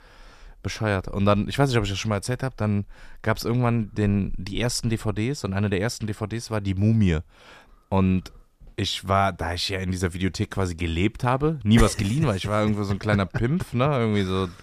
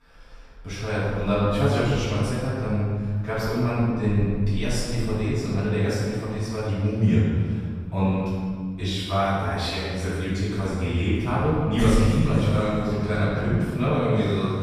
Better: first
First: none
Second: off-mic speech; far // room echo; strong; dies away in 1.8 s

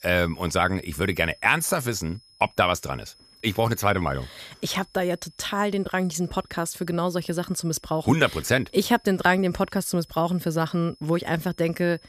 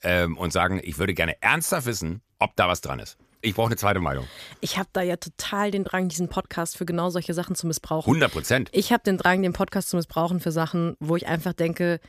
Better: second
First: high-pitched whine; faint; throughout; 5 kHz, 30 dB below the speech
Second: none

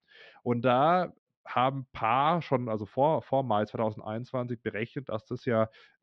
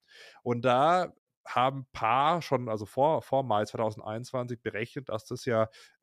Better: second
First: muffled; slightly; fading above 4 kHz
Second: none

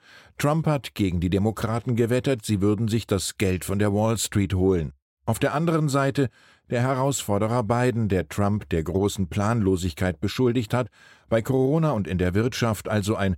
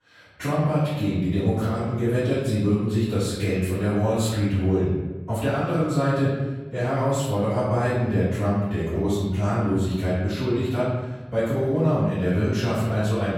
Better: first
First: none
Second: off-mic speech; far // room echo; noticeable; dies away in 1.3 s

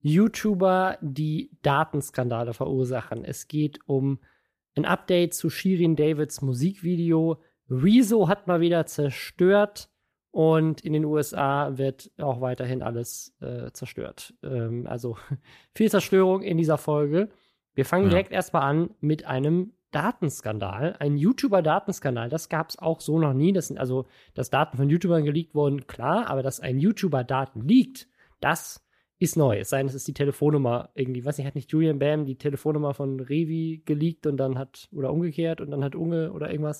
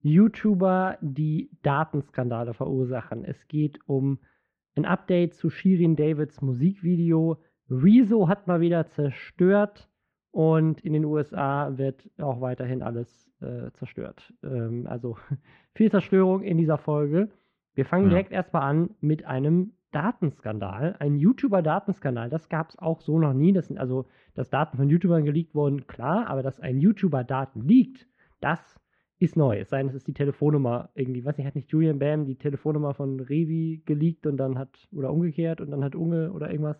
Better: first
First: none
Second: muffled; very; fading above 2.5 kHz

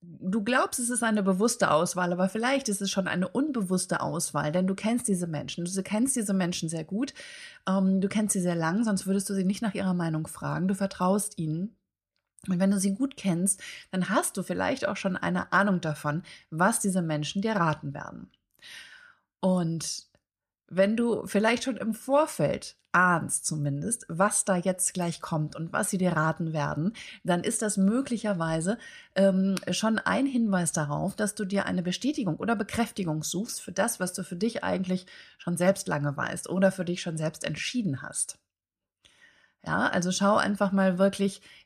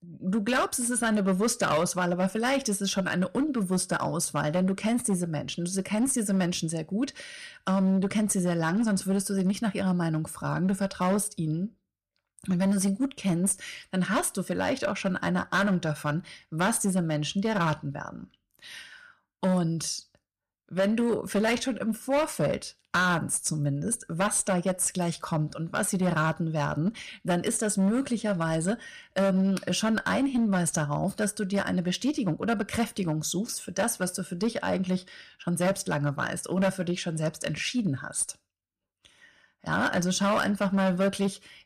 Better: first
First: none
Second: distortion; slight; 7% of the sound clipped

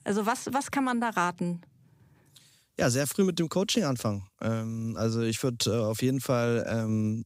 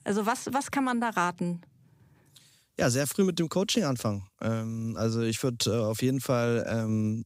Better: neither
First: none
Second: none

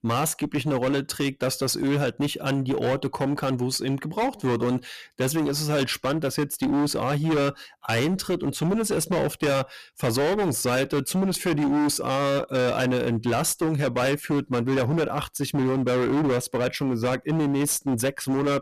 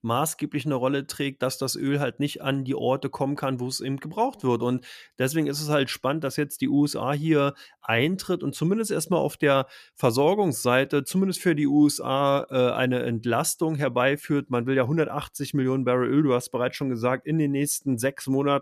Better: second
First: distortion; heavy; 25% of the sound clipped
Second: none

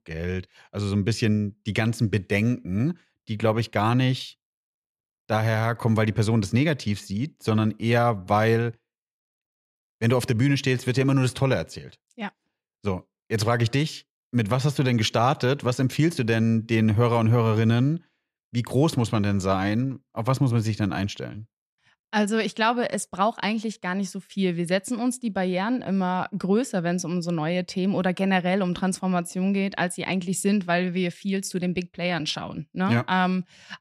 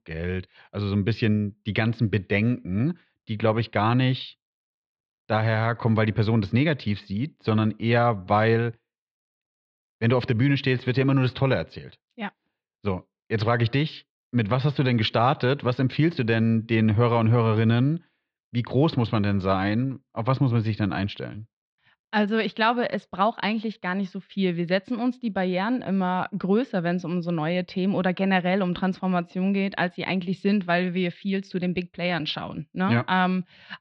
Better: first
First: none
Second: muffled; very slightly; fading above 4 kHz

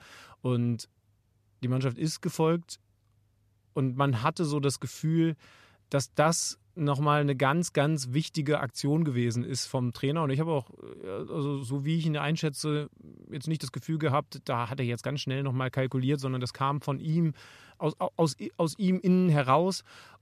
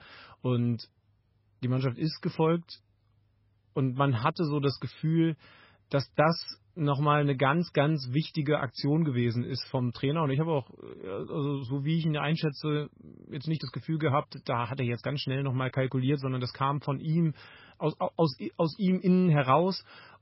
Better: first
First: none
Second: garbled, watery; badly; nothing above 5.5 kHz

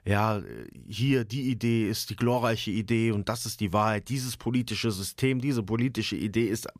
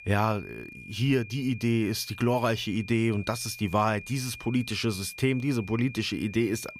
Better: first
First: none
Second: high-pitched whine; noticeable; throughout; 2.5 kHz, 15 dB below the speech

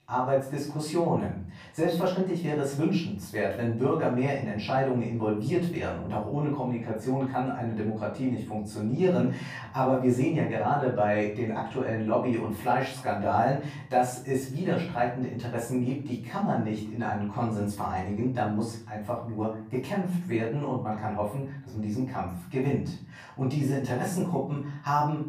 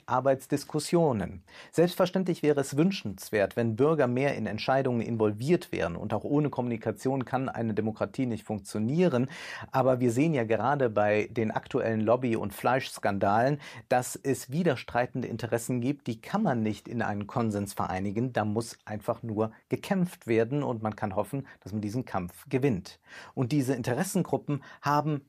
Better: second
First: off-mic speech; far // room echo; noticeable; dies away in 0.5 s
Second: none

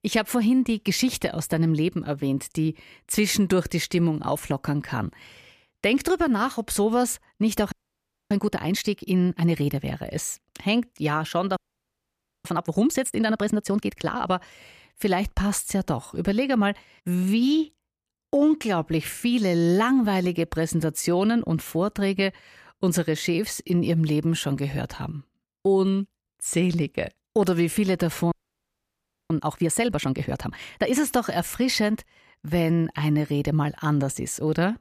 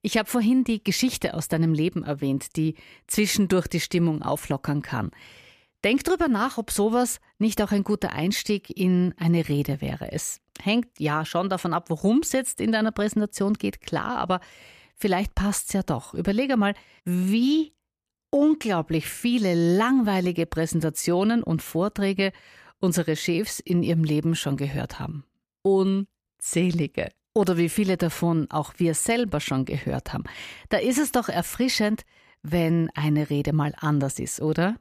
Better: second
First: audio freezing; at 7.5 s for 0.5 s, at 12 s for 1 s and at 28 s for 1 s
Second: none

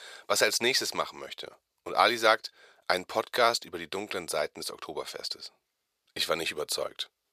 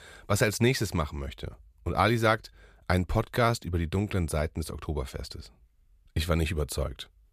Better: second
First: thin; very; fading below 550 Hz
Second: none

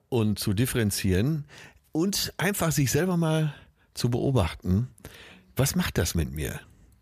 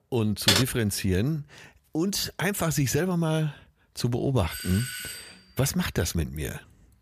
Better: first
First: none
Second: keyboard typing; loud; at 0.5 s; peak 5 dB above the speech // doorbell; noticeable; at 4.5 s; peak 6 dB below the speech

